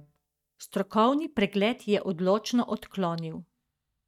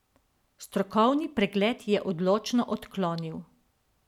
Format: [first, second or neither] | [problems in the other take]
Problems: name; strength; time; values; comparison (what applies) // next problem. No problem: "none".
second | noise reduction (neural mask model DeepFilterNet 3)